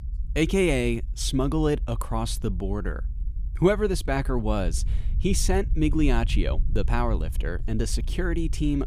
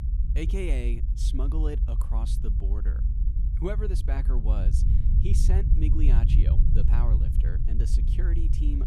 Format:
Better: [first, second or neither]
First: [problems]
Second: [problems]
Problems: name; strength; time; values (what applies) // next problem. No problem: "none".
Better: first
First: low rumble; faint; throughout; 20 dB below the speech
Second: low rumble; loud; throughout; 4 dB below the speech